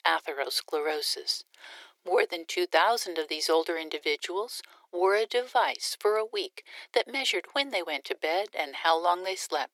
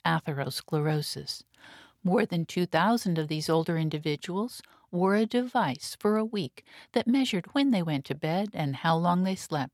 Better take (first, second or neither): second